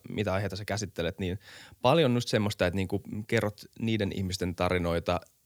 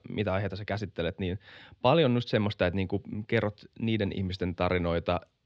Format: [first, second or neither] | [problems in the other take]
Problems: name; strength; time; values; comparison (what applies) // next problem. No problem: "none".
first | muffled; slightly; fading above 3.5 kHz